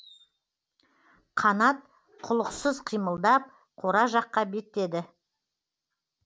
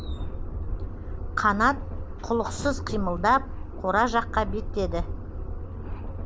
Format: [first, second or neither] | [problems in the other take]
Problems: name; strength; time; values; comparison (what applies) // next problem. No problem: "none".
first | background sound (Subway, metro, underground); 4 dB below the speech